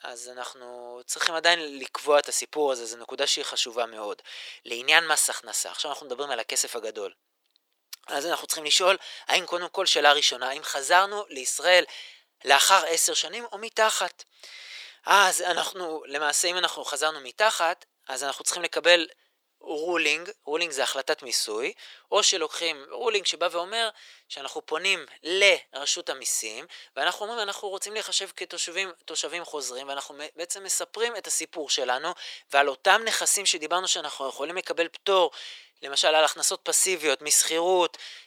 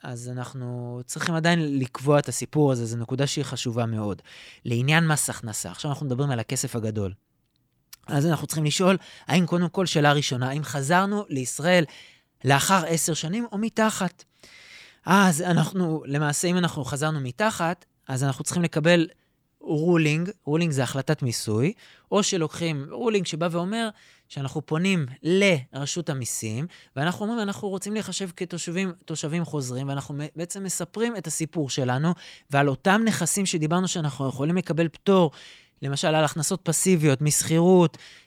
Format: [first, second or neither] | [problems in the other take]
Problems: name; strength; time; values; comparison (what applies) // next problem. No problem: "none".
second | thin; very; fading below 450 Hz